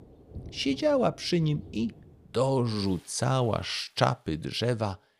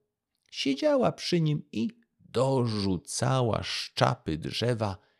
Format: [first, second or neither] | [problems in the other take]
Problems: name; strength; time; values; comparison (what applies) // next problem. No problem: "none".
second | rain or running water; faint; throughout; 20 dB below the speech